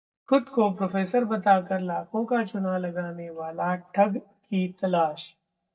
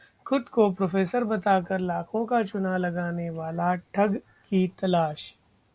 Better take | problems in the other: second | noise reduction (neural mask model DeepFilterNet 3)

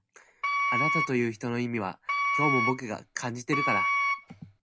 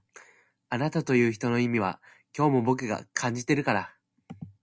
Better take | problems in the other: second | background sound (Wind instrument, woodwind instrument); 3 dB above the speech

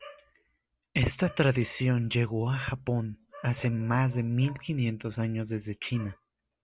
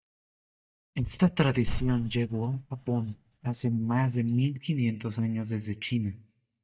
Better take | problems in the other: first | noise reduction (neural mask model DeepFilterNet 3)

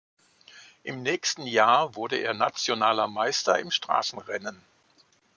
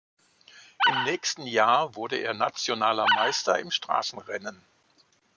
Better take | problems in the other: first | background sound (Animal); 2 dB above the speech

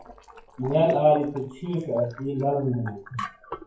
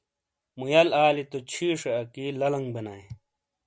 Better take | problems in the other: second | noise reduction (classical method WPE with log-MMSE)

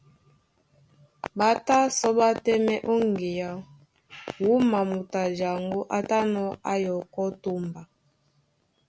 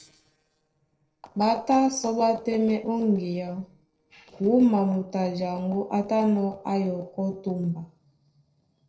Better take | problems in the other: first | noise reduction (neural separator model SepFormer DNS4)

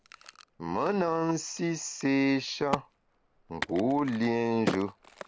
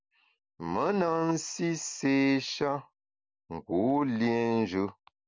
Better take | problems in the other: second | background sound (Crack); 11 dB below the speech

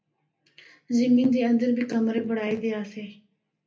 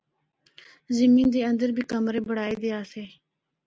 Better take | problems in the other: second | room echo; dies away in 0.3 s

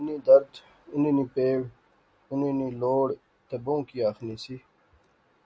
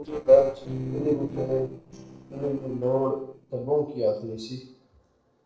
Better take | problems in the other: first | noise reduction (neural separator model SepFormer DNS4)

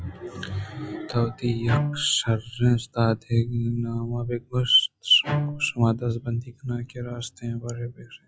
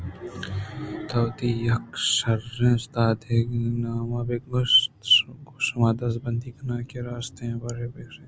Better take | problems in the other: second | noise reduction (classical method log-MMSE)

